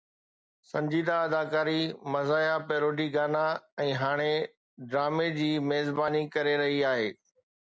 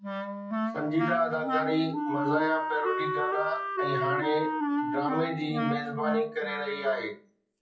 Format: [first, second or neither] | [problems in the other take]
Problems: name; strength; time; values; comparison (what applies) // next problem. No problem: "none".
first | noise reduction (classical method WPE with log-MMSE)